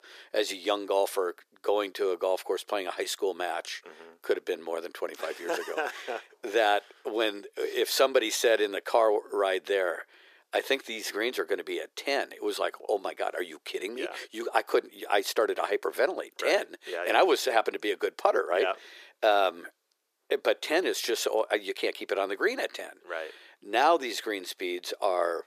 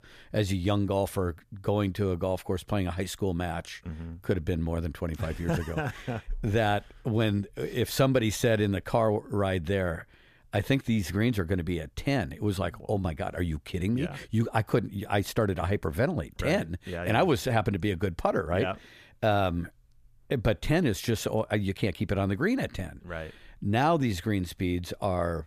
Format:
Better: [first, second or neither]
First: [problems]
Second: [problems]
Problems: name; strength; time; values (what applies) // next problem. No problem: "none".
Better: second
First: thin; very; fading below 350 Hz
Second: none